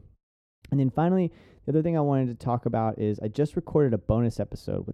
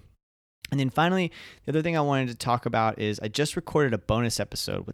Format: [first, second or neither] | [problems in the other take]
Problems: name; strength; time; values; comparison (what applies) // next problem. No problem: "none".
second | muffled; very; fading above 1 kHz